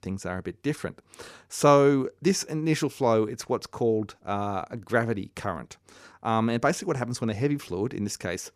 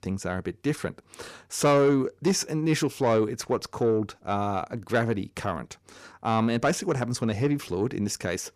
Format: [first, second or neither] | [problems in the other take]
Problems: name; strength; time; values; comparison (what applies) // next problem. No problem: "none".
first | distortion; slight; 10 dB below the speech